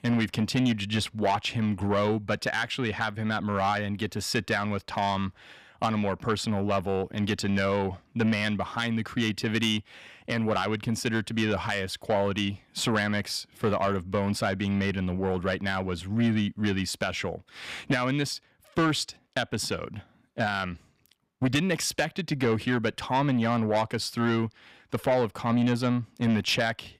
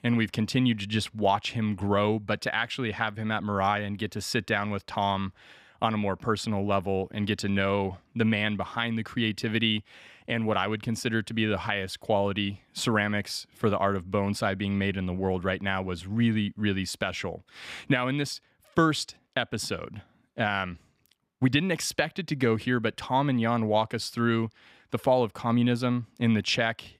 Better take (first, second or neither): second